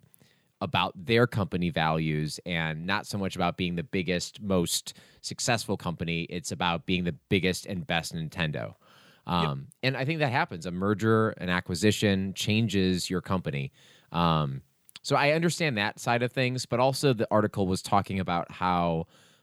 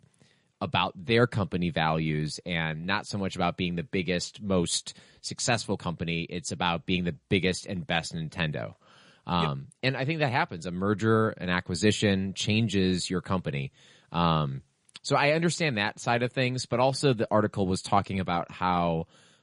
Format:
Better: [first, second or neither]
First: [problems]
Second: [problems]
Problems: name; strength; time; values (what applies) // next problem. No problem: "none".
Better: first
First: none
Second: garbled, watery; slightly; nothing above 10.5 kHz